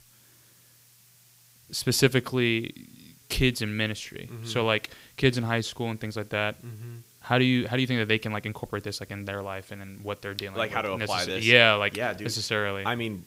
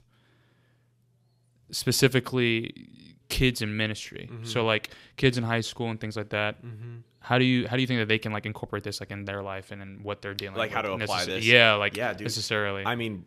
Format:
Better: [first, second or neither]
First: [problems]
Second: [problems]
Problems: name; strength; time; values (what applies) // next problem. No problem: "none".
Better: second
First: hiss; faint; throughout; 30 dB below the speech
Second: none